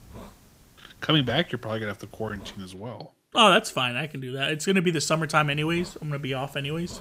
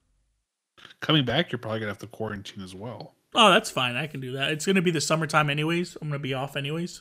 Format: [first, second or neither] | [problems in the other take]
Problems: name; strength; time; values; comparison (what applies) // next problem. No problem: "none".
second | hiss; faint; until 2.5 s and from 5 s on; 25 dB below the speech